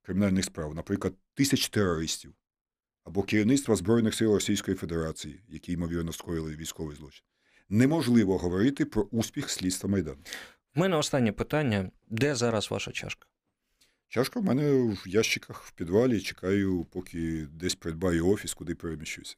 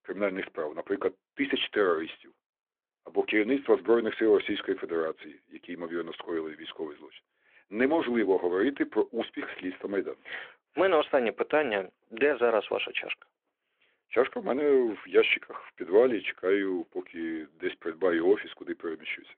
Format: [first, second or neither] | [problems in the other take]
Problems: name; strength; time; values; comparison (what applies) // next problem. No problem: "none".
first | phone-call audio